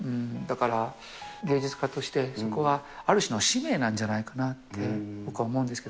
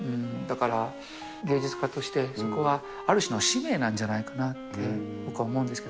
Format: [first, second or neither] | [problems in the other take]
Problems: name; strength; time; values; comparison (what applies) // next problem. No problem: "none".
first | background sound (Wind instrument, woodwind instrument); 12 dB below the speech